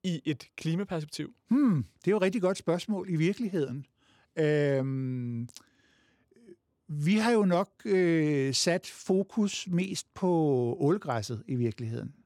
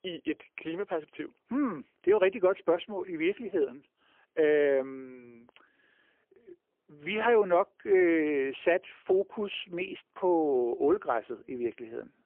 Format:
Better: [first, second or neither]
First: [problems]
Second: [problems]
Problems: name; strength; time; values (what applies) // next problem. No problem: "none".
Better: first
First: none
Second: phone-call audio; poor line; nothing above 3 kHz